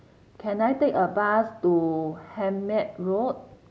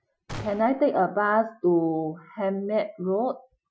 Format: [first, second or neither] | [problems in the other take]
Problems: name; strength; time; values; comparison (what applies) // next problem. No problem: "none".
first | noise reduction (classical method Wiener filter)